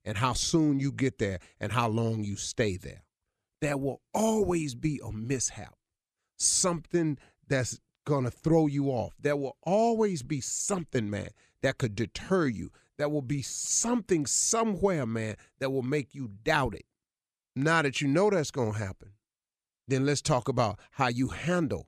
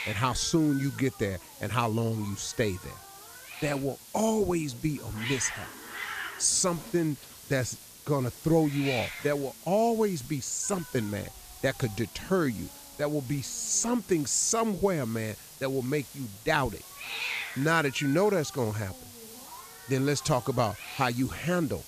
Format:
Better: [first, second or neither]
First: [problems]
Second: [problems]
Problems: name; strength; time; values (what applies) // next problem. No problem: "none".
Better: first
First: none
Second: hiss; noticeable; throughout; 10 dB below the speech